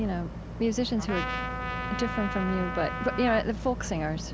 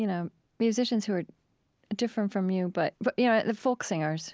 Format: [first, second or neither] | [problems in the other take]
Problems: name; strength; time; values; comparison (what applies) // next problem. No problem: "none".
second | background sound (Trumpet + Boat, Water vehicle); 4 dB below the speech